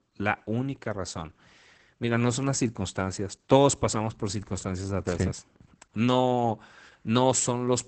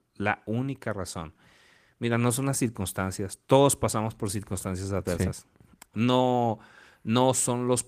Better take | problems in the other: second | garbled, watery; badly; nothing above 8 kHz; slightly in the second

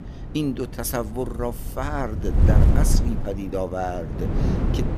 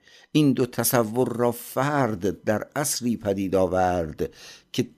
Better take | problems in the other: second | wind noise on the microphone; heavy; 5 dB below the speech

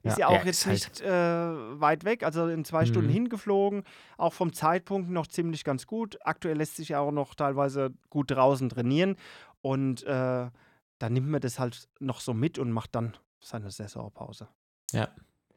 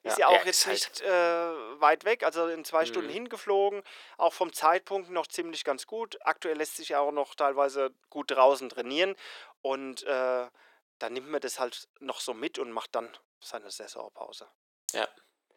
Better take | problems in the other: first | thin; very; fading below 400 Hz

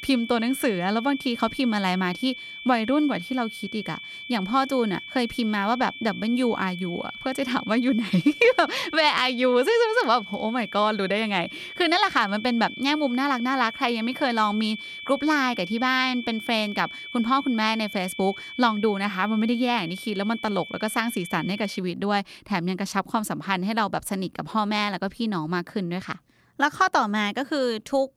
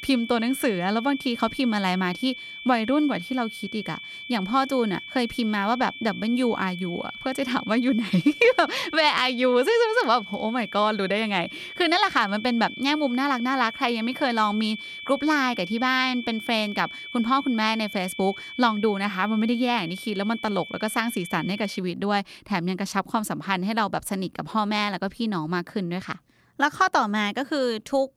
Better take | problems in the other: neither | high-pitched whine; noticeable; until 22 s; 2.5 kHz, 10 dB below the speech; the same in both

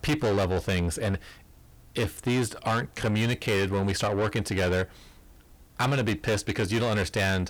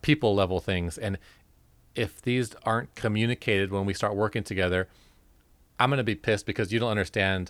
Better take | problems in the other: second | distortion; heavy; 7 dB below the speech

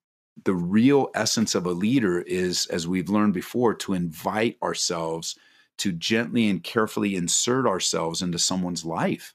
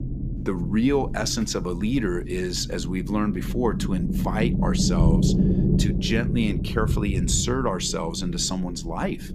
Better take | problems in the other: first | low rumble; loud; throughout; 7 dB below the speech

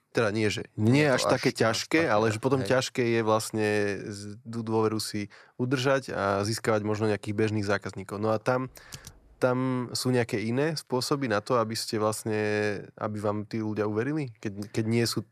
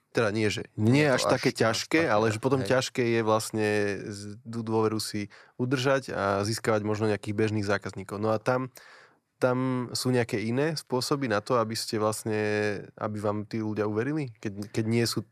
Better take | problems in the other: second | keyboard typing; faint; at 8.5 s; peak 20 dB below the speech

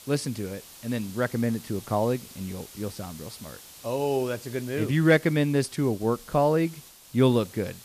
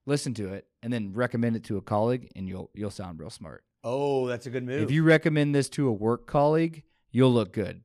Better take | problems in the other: second | hiss; noticeable; throughout; 20 dB below the speech

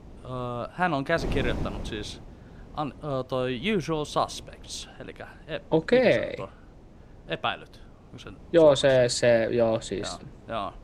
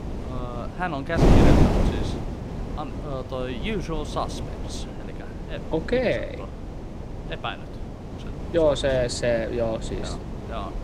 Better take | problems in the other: first | wind noise on the microphone; heavy; 5 dB below the speech; occasional gusts in the first

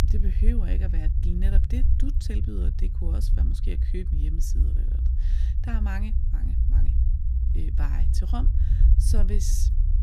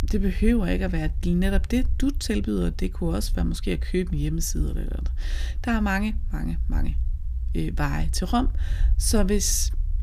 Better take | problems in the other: second | low rumble; loud; throughout; 4 dB below the speech; faint in the second

